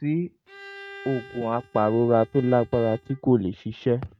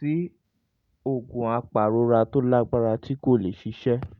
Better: second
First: noise reduction (neural mask model RNNoise)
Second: none

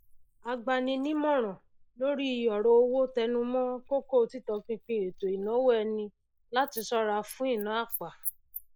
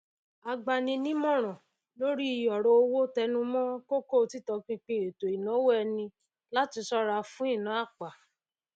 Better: second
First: noise reduction (neural mask model Resemble Enhance denoiser)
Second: none

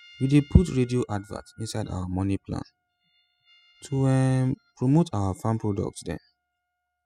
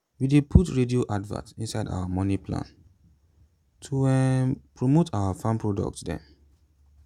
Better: second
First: noise reduction (classical method spectral subtraction)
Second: none

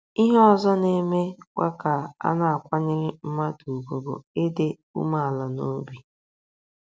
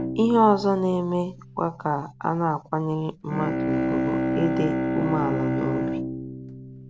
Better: first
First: none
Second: background sound (Bowed string instrument); 3 dB below the speech

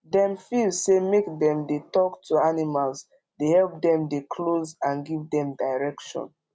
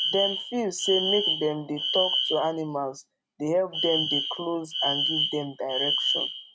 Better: first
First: none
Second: noise reduction (neural mask model RNNoise)

